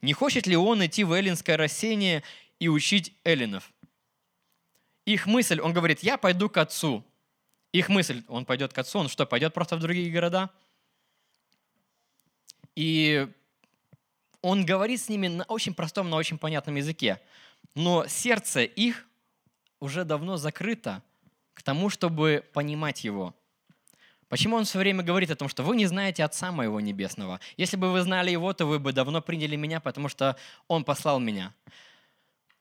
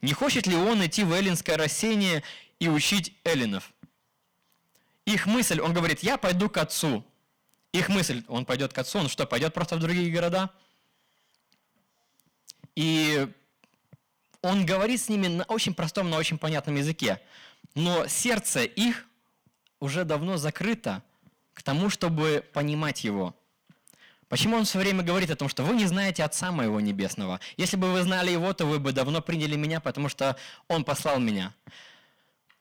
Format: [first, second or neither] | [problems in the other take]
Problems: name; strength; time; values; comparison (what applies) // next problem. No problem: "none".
first | distortion; heavy; 10% of the sound clipped